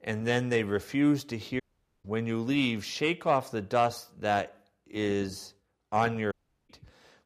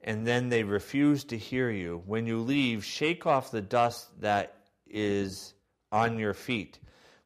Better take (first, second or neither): second